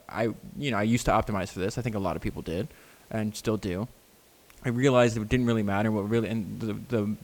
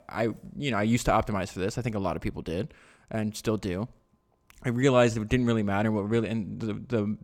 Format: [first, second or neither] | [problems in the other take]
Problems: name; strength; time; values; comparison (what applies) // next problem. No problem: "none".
second | hiss; faint; throughout; 25 dB below the speech